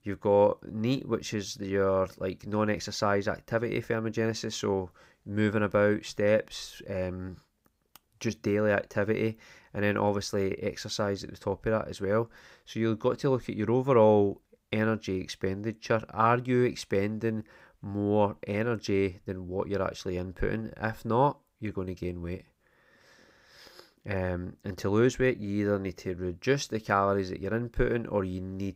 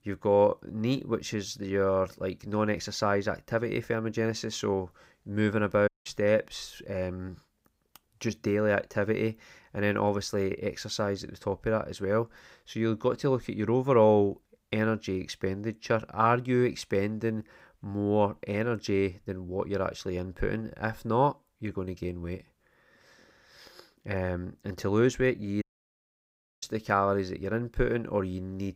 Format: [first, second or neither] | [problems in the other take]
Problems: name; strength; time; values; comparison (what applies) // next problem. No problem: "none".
first | audio cutting out; at 6 s and at 26 s for 1 s